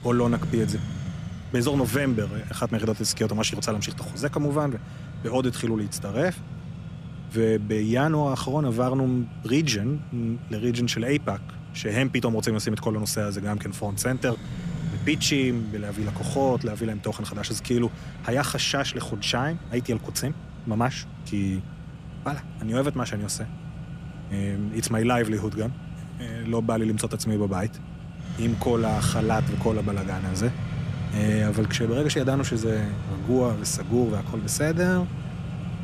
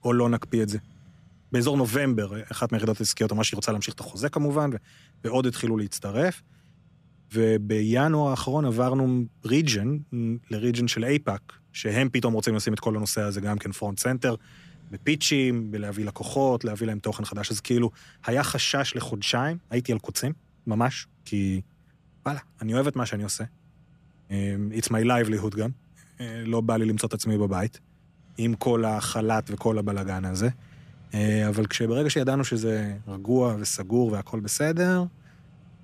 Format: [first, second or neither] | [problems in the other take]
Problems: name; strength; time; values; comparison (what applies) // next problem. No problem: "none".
second | traffic noise; loud; throughout; 9 dB below the speech; faint in the second